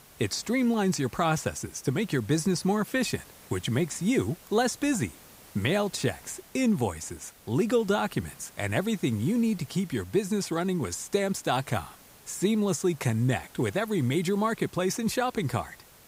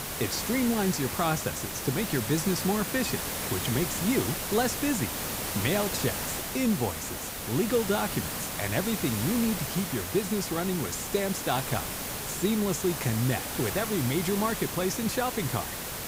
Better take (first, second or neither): first